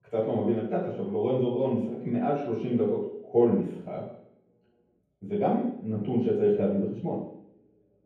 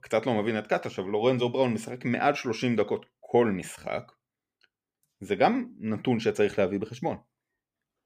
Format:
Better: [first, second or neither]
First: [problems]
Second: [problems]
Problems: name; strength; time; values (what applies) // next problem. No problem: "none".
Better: second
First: room echo; strong; dies away in 0.9 s // off-mic speech; far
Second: none